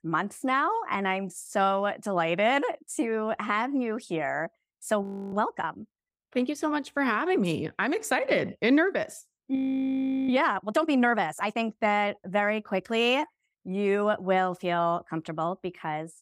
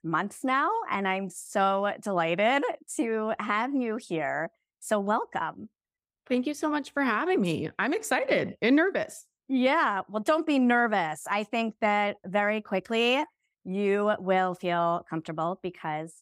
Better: second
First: audio freezing; at 5 s and at 9.5 s for 0.5 s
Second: none

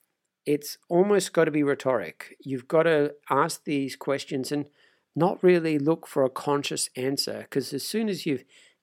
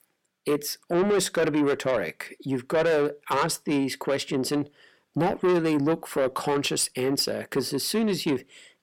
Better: first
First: none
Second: distortion; heavy; 7 dB below the speech

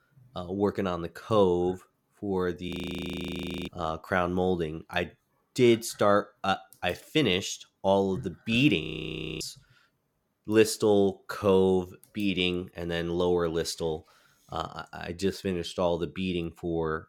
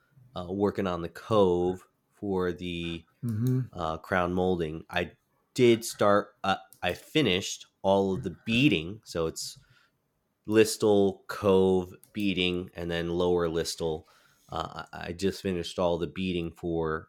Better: second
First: audio freezing; at 2.5 s for 1 s and at 9 s for 0.5 s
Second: none

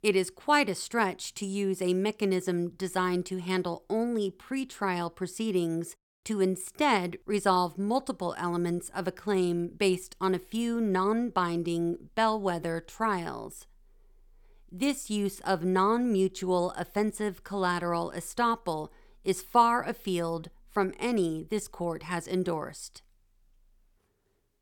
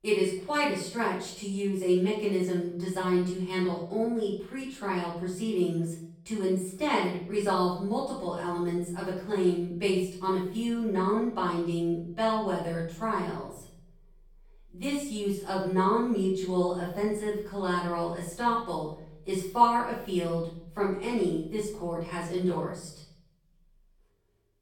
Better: first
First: none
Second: room echo; noticeable; dies away in 0.7 s // off-mic speech; far

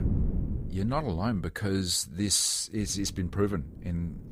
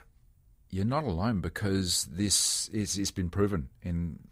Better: second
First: wind noise on the microphone; occasional gusts; until 1.5 s and from 3 s on; 15 dB below the speech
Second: none

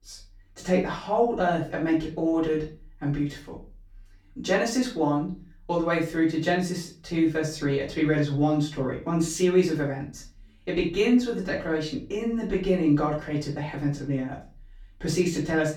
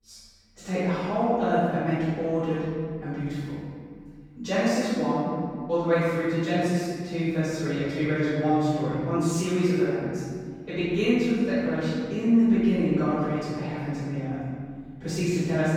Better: first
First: room echo; slight; dies away in 0.3 s // off-mic speech; far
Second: room echo; strong; dies away in 1.9 s // off-mic speech; far

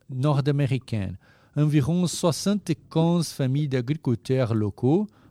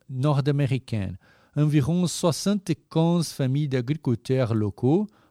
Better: second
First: low rumble; faint; throughout; 20 dB below the speech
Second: none

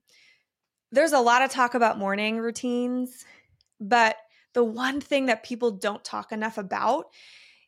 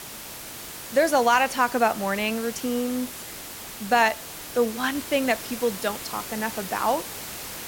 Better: first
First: none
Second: hiss; noticeable; throughout; 10 dB below the speech

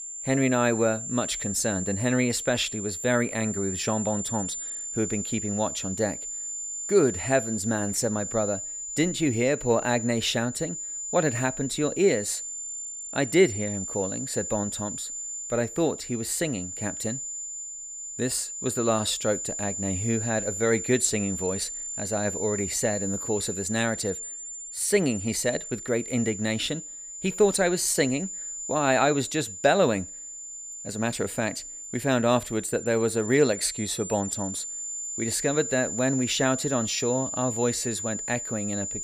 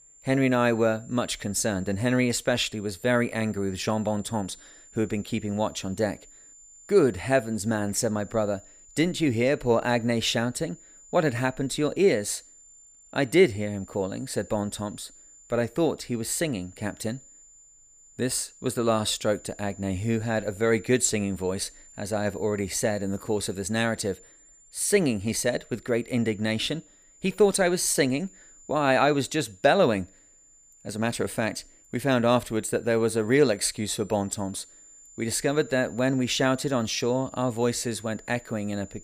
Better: second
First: high-pitched whine; loud; throughout; 7 kHz, 6 dB below the speech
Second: high-pitched whine; faint; throughout; 7 kHz, 25 dB below the speech

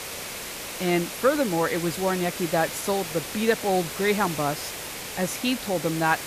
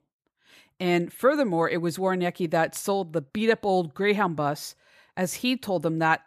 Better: second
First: hiss; loud; throughout; 7 dB below the speech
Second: none

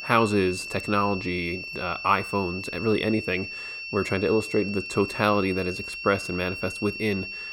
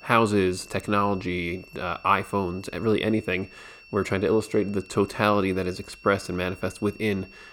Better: second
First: high-pitched whine; loud; throughout; 2.5 kHz, 7 dB below the speech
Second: high-pitched whine; faint; throughout; 2.5 kHz, 20 dB below the speech

